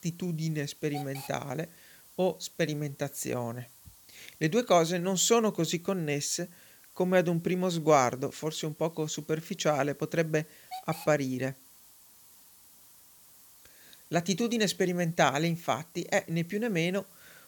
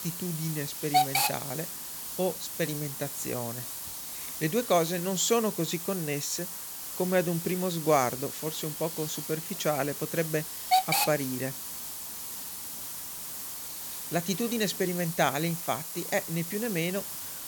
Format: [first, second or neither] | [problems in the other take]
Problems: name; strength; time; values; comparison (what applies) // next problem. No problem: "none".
first | hiss; loud; throughout; 2 dB below the speech; faint in the first